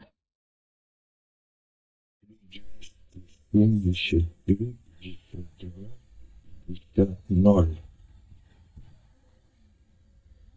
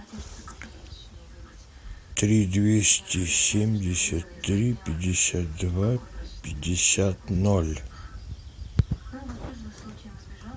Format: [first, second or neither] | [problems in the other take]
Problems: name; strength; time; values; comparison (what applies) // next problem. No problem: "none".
second | noise reduction (neural mask model DeepFilterNet 3)